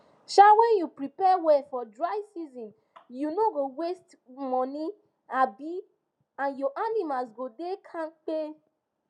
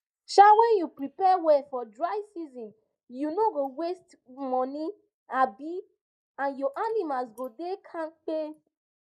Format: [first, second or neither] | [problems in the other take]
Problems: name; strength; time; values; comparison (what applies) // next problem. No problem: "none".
first | noise reduction (neural mask model Resemble Enhance denoiser)